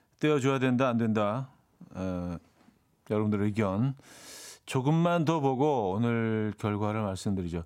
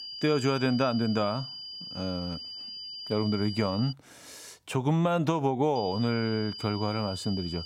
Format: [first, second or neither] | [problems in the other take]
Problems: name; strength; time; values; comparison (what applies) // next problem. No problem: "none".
first | high-pitched whine; loud; until 4 s and from 6 s on; 5 kHz, 9 dB below the speech